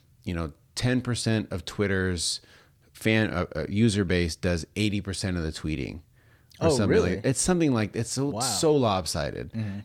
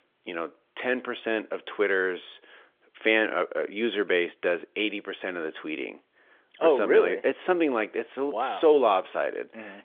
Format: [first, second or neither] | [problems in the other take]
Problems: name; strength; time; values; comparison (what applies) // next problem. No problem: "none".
first | phone-call audio; nothing above 3.5 kHz